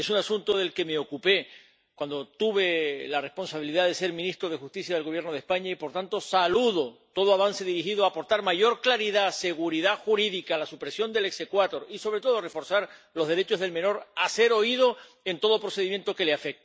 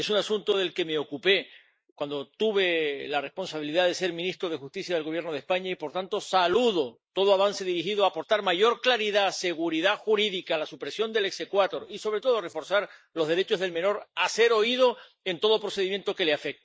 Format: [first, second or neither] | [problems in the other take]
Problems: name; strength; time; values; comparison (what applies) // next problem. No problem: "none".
first | noise reduction (neural mask model Resemble Enhance denoiser)